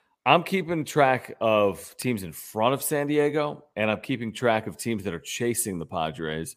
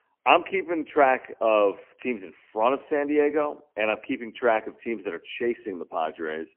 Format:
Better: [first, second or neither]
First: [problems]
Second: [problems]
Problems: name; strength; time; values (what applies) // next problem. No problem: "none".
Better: first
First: none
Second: phone-call audio; poor line; nothing above 3 kHz